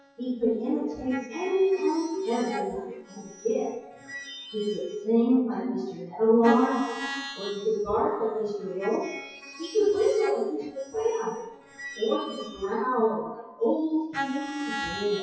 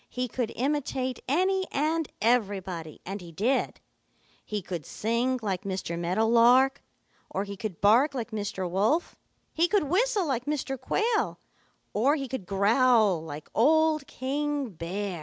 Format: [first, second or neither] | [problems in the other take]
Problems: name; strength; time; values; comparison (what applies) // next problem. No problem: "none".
second | noise reduction (classical method WPE with log-MMSE)